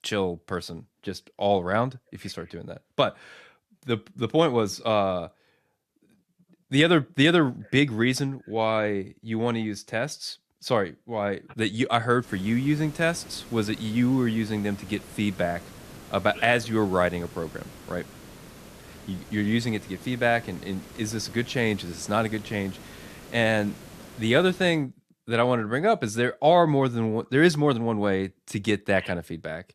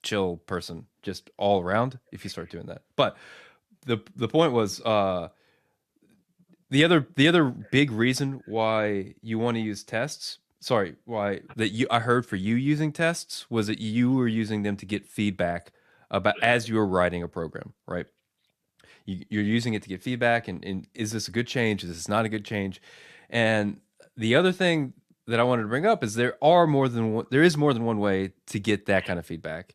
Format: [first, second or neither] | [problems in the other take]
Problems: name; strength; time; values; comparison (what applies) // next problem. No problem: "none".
second | hiss; noticeable; from 12 to 25 s; 20 dB below the speech